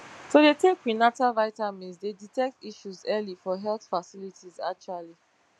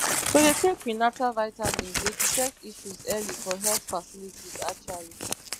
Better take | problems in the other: first | background sound (Crumpling, crinkling / Tearing); 2 dB below the speech

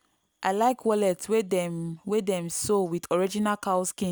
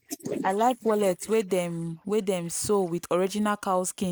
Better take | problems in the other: first | noise reduction (neural mask model Resemble Enhance denoiser)

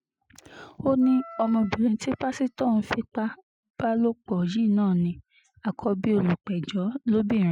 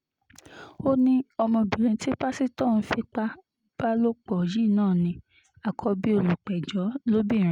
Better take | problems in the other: second | noise reduction (classical method Wiener filter)

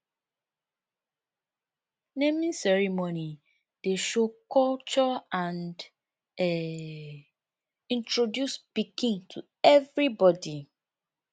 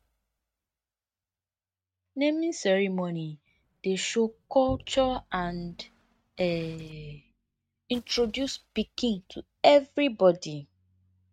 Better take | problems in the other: first | noise reduction (neural mask model RNNoise)

